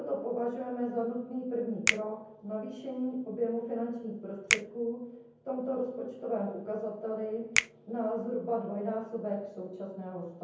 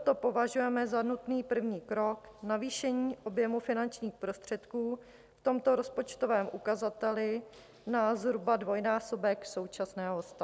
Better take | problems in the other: second | background sound (Finger snapping); 3 dB below the speech // room echo; dies away in 0.9 s

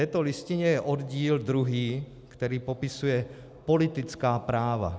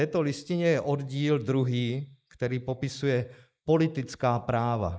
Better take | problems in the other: first | noise reduction (neural mask model Resemble Enhance denoiser)

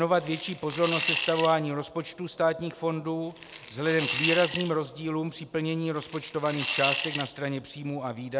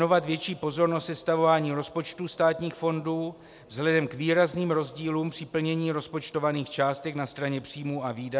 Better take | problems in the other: second | background sound (Coin (dropping) / Glass); 5 dB below the speech

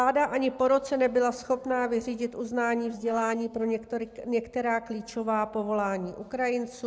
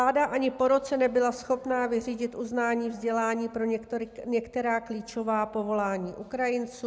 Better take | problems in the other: second | noise reduction (neural separator model SepFormer DNS4)

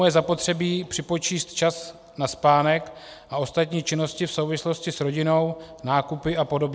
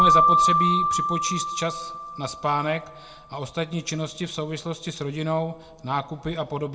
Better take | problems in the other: first | background sound (Keyboard (musical)); 3 dB above the speech // room echo; dies away in 0.7 s

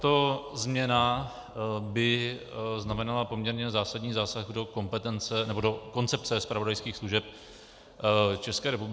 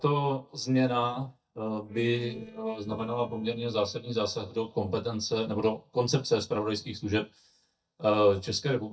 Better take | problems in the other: first | noise reduction (neural mask model DeepFilterNet 3)

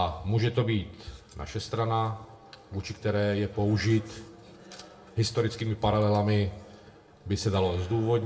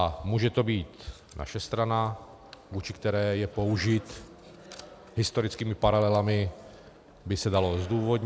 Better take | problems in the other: second | room echo; dies away in 0.5 s

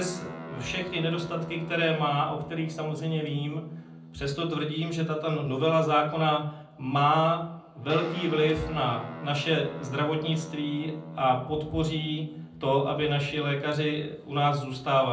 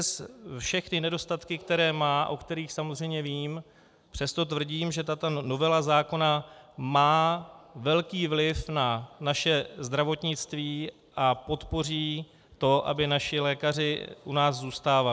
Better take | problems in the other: second | background sound (Guitar); 15 dB below the speech // room echo; dies away in 0.6 s

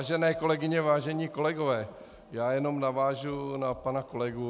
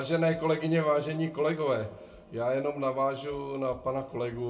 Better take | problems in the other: first | room echo; dies away in 0.2 s

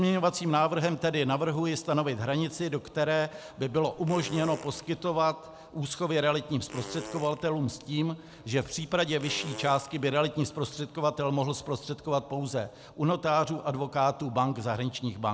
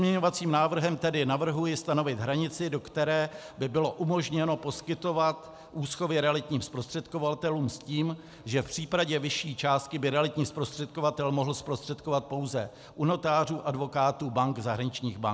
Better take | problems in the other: second | background sound (Fart); 16 dB below the speech

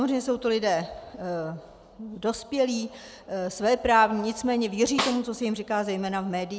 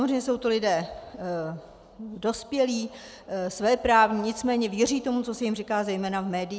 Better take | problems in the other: second | background sound (Snare drum); 6 dB below the speech

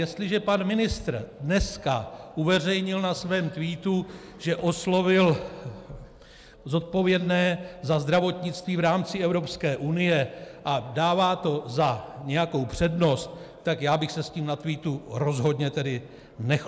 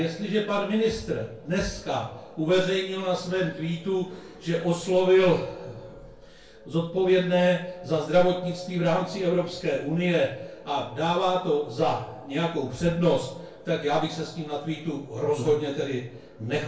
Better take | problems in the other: first | room echo; dies away in 0.3 s

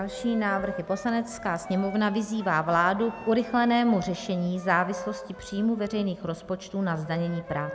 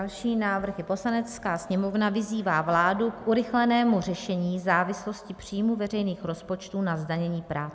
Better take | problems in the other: second | background sound (Wind instrument, woodwind instrument); 15 dB below the speech

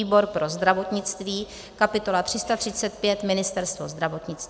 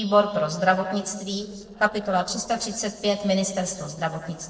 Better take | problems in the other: first | noise reduction (neural separator model SepFormer DNS4)

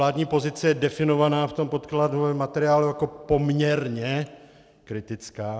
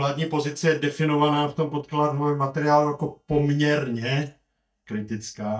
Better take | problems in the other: first | noise reduction (neural mask model DeepFilterNet 3)

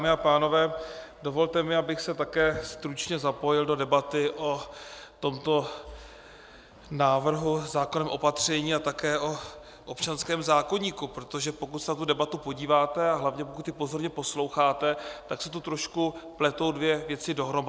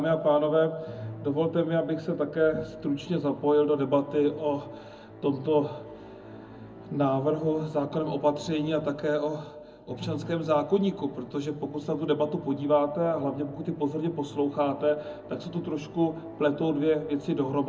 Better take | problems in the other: first | background sound (Musical instrument); 18 dB below the speech // room echo; dies away in 0.4 s

